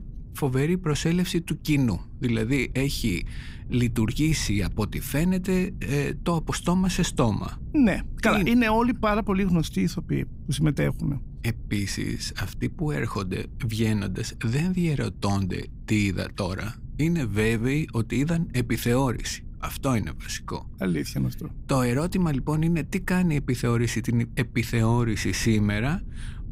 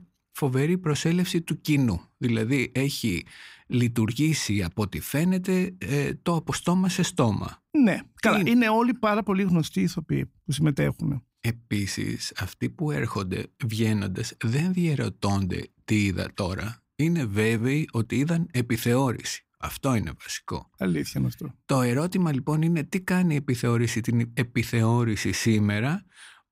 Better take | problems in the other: second | low rumble; faint; throughout; 25 dB below the speech

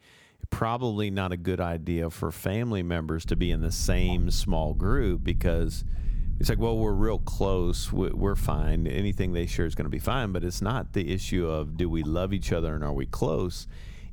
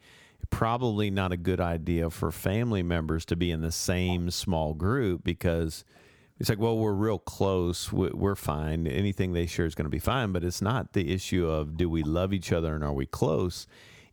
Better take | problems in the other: second | low rumble; noticeable; from 3.5 s on; 20 dB below the speech

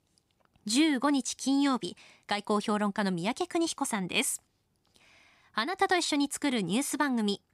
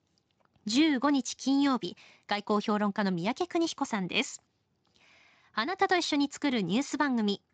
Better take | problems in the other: first | garbled, watery; slightly; nothing above 7.5 kHz

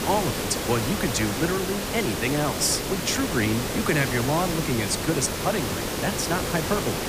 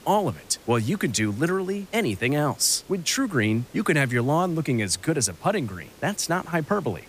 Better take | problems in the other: second | hiss; loud; throughout; 2 dB below the speech; faint in the second

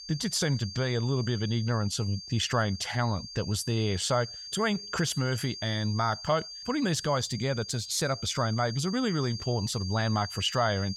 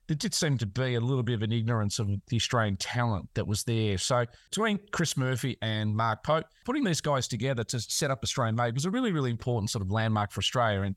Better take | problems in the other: second | high-pitched whine; noticeable; throughout; 4.5 kHz, 10 dB below the speech

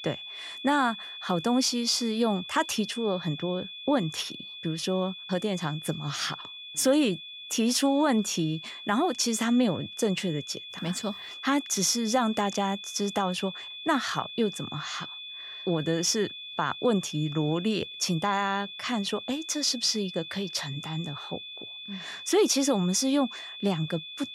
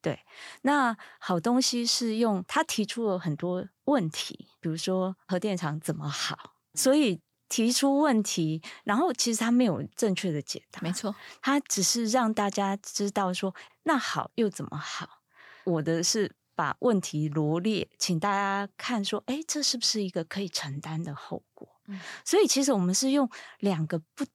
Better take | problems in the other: second | high-pitched whine; noticeable; throughout; 3.5 kHz, 10 dB below the speech

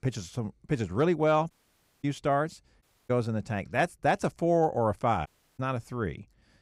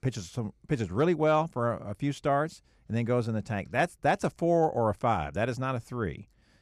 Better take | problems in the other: second | audio cutting out; at 1.5 s for 0.5 s, at 3 s and at 5.5 s

